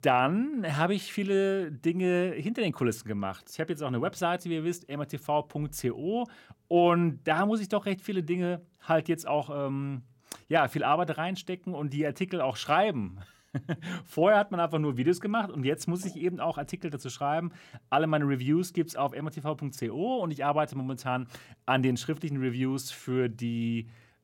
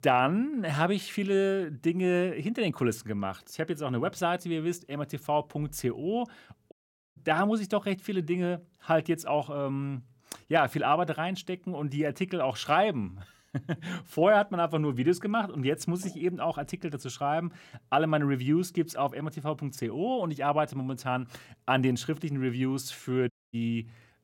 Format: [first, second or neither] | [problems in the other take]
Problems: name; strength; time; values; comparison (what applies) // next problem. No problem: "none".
first | audio cutting out; at 6.5 s and at 23 s